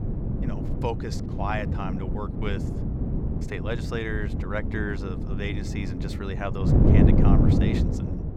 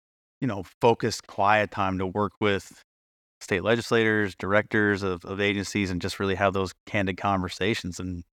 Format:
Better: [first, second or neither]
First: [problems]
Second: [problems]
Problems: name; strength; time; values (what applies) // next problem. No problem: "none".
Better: second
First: wind noise on the microphone; heavy; as loud as the speech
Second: none